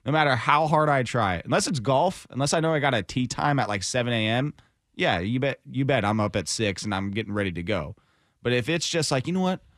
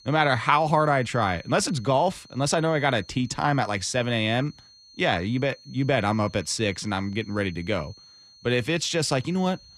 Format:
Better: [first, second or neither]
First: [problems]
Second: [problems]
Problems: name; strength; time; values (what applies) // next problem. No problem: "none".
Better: first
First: none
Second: high-pitched whine; faint; throughout; 4.5 kHz, 25 dB below the speech